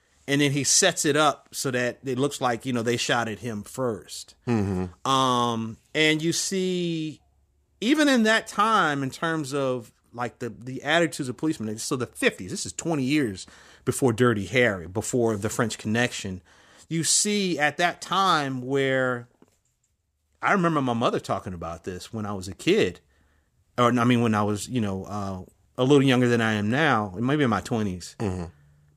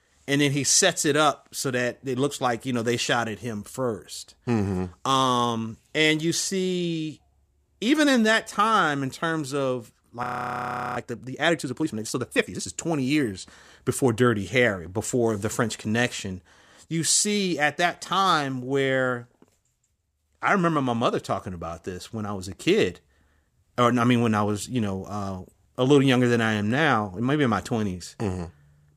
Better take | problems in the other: first | audio freezing; at 10 s for 0.5 s

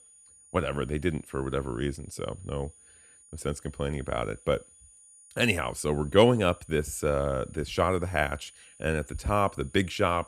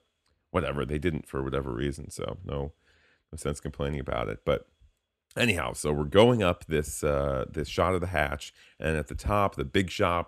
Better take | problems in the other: second | high-pitched whine; faint; throughout; 9.5 kHz, 25 dB below the speech

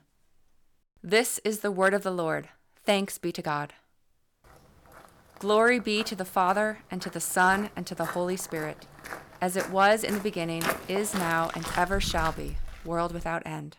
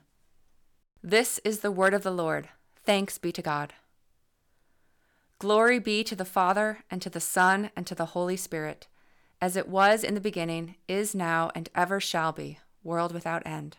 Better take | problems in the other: second | footsteps; noticeable; from 6 to 13 s; peak 3 dB below the speech

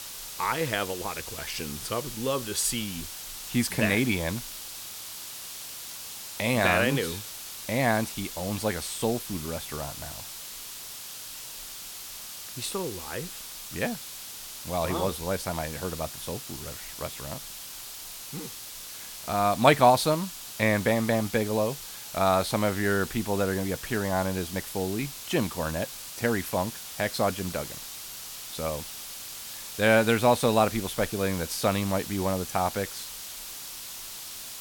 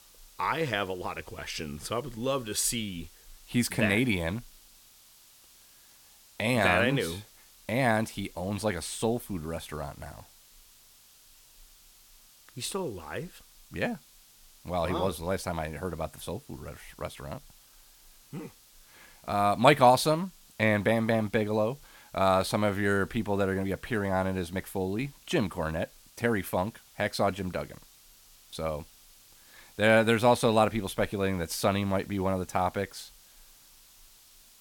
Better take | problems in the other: second | hiss; loud; throughout; 9 dB below the speech; faint in the second

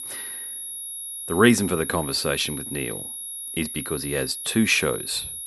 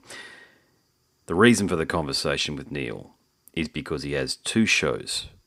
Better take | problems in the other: second | high-pitched whine; loud; throughout; 10.5 kHz, 8 dB below the speech

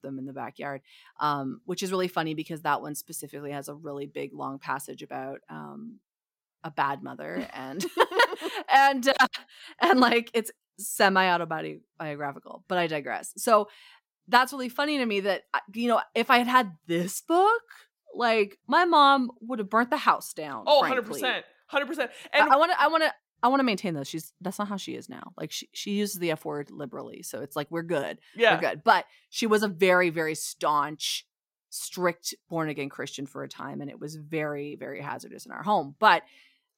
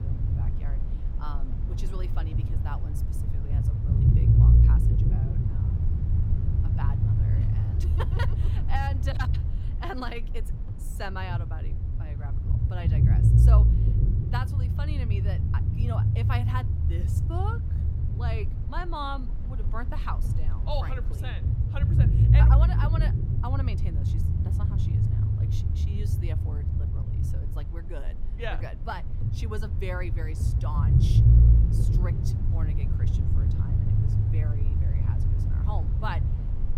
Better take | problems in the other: first | low rumble; loud; throughout; 2 dB below the speech

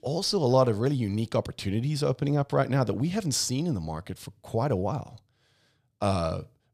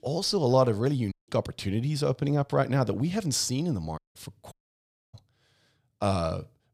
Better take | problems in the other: first | audio cutting out; at 1 s, at 4 s and at 4.5 s for 0.5 s

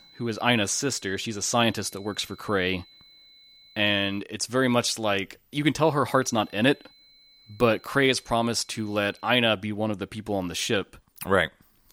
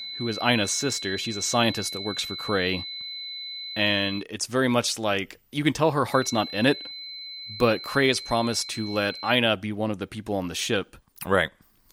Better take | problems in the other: first | high-pitched whine; loud; until 4 s and from 6 to 9.5 s; 4 kHz, 9 dB below the speech; faint in the first

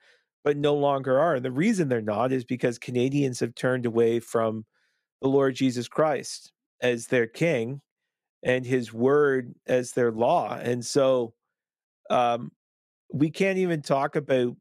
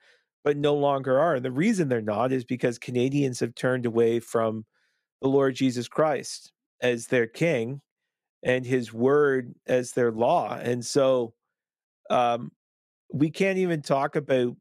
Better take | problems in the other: neither | none

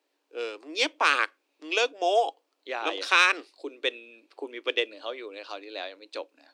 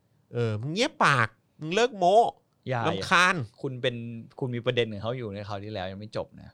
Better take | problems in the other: second | thin; very; fading below 300 Hz

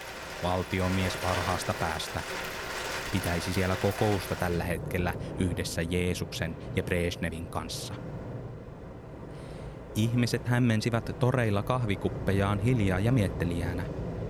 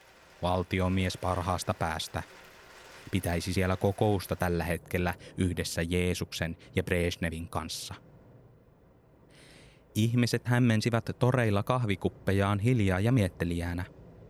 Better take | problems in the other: second | rain or running water; loud; throughout; 7 dB below the speech; faint in the second

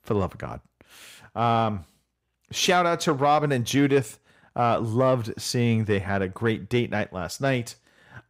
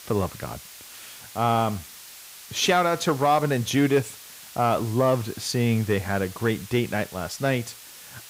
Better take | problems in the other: first | hiss; noticeable; throughout; 15 dB below the speech

